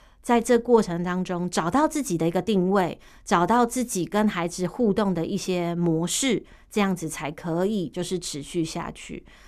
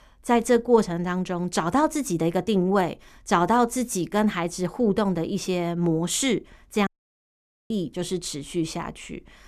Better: first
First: none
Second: audio cutting out; at 7 s for 1 s

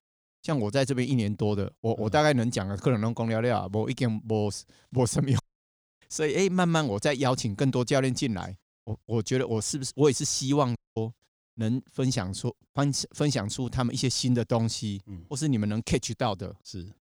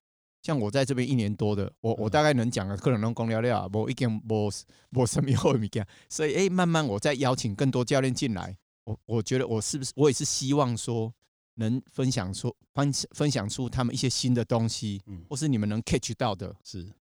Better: second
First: audio cutting out; at 5.5 s for 0.5 s and at 11 s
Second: none

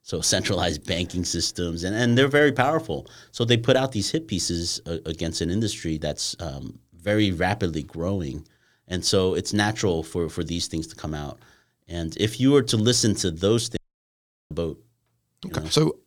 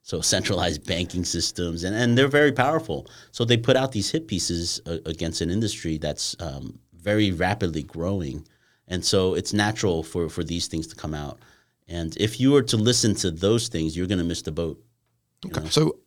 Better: second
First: audio cutting out; at 14 s for 0.5 s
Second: none

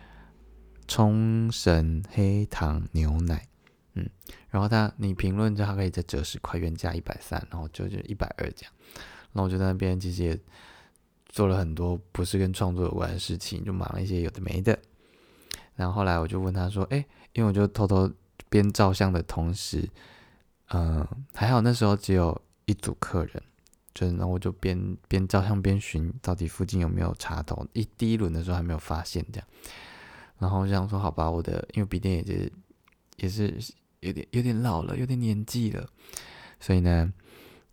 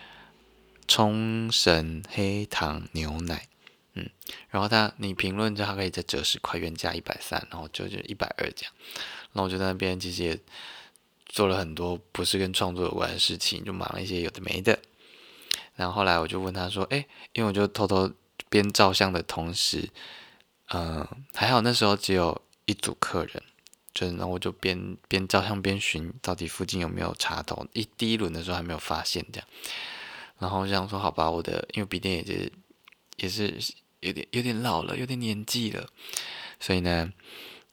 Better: first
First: none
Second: thin; somewhat; fading below 450 Hz

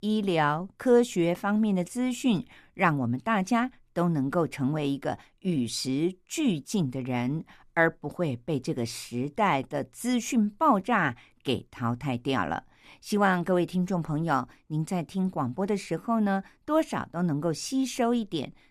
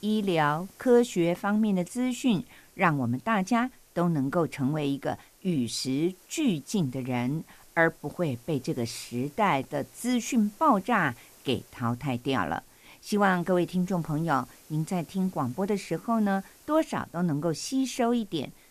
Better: first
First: none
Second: hiss; faint; throughout; 25 dB below the speech

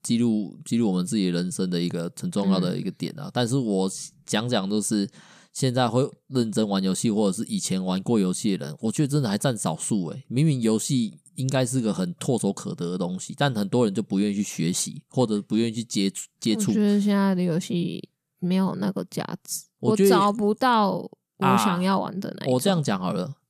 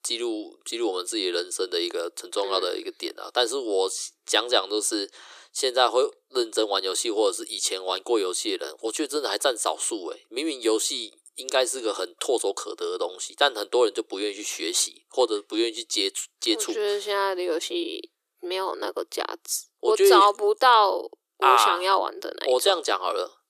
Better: first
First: none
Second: thin; very; fading below 350 Hz

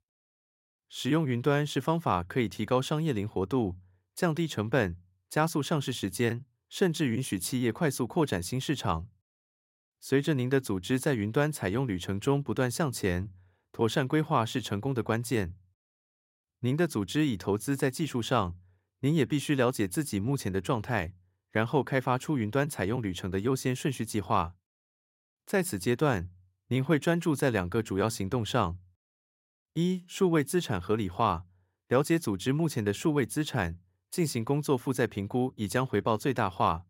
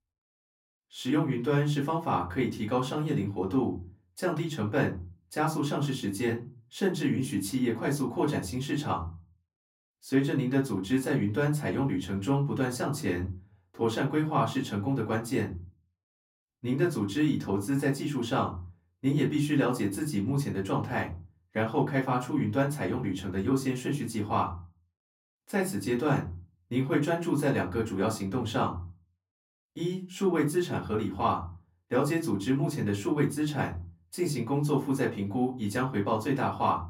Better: first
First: none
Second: off-mic speech; far // room echo; very slight; dies away in 0.3 s

